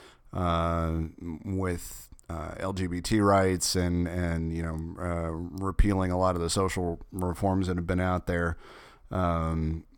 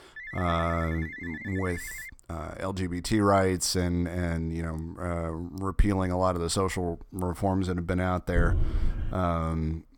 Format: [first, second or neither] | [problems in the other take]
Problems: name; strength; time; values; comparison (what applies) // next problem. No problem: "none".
first | phone ringing; noticeable; until 2 s; peak 9 dB below the speech // dog barking; loud; at 8.5 s; peak level with the speech